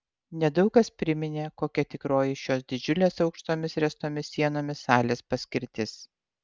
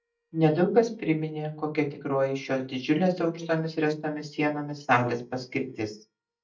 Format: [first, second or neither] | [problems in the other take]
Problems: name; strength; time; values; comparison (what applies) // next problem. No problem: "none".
first | noise reduction (neural mask model DeepFilterNet 3)